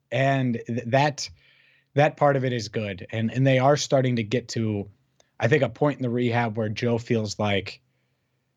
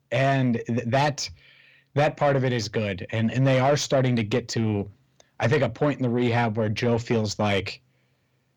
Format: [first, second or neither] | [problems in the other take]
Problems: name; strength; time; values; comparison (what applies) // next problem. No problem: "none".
first | distortion; slight; 10 dB below the speech